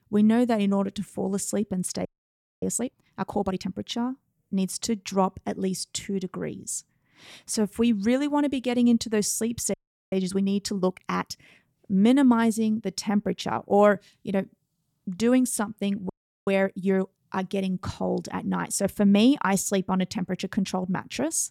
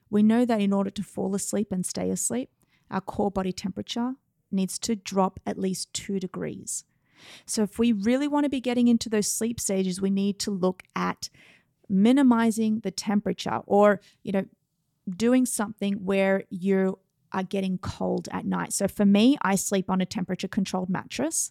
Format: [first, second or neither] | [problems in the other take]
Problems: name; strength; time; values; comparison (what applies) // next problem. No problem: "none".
second | audio freezing; at 2 s for 0.5 s, at 9.5 s and at 16 s